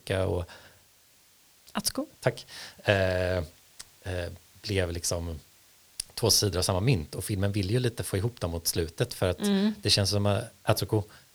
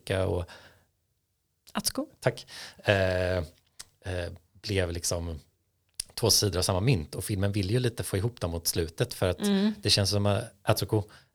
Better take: second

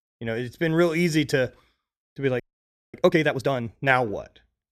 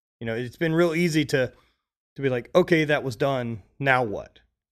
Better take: second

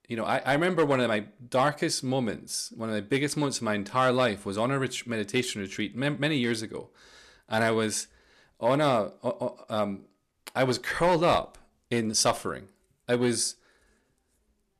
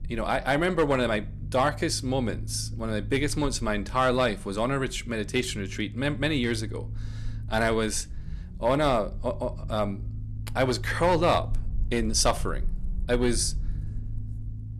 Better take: first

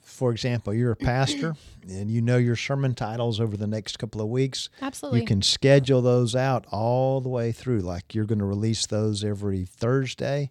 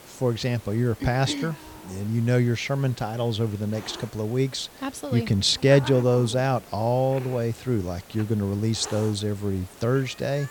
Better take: first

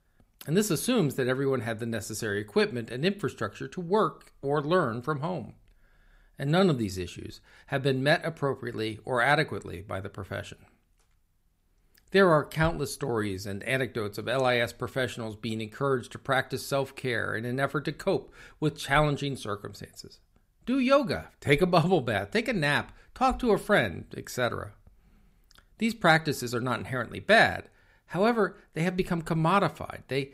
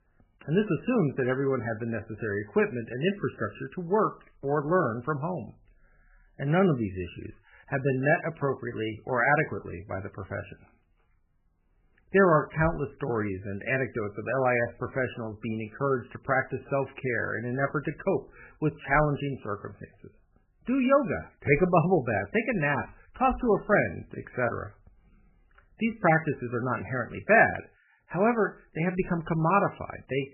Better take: first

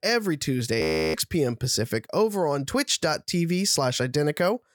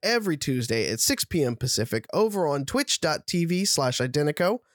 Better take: second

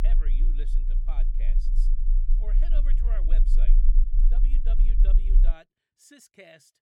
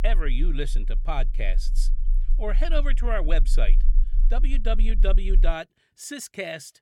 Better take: second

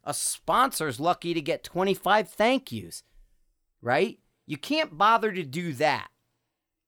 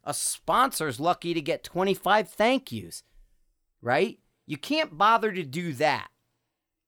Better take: neither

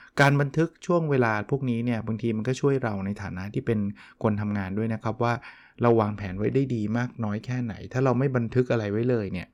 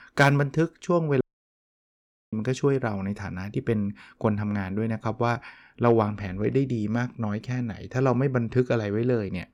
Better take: first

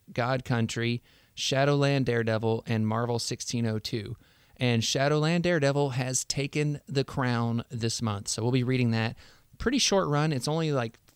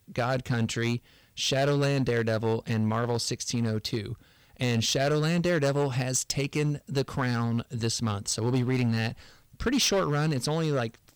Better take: first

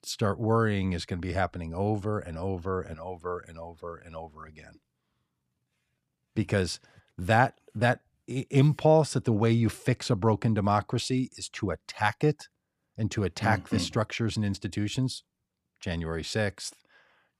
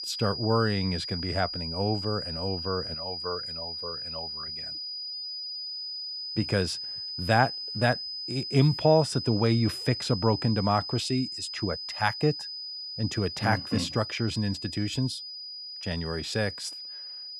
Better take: first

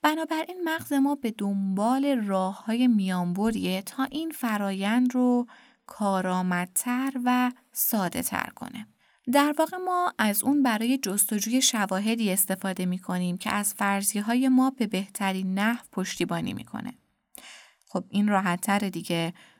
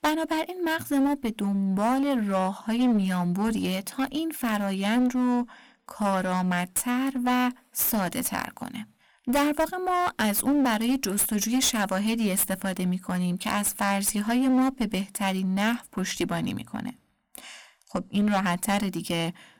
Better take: first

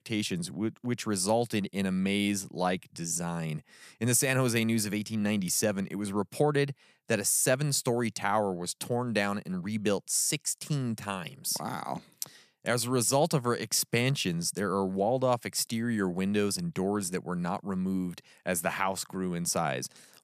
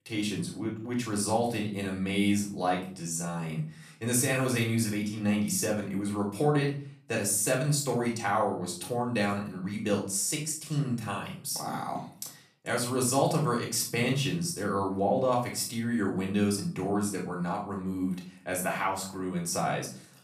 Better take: first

